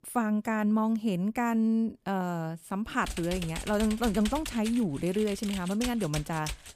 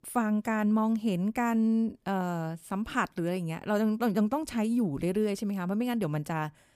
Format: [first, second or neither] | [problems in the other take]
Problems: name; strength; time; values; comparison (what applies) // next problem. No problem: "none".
second | keyboard typing; noticeable; from 3 s on; peak 7 dB below the speech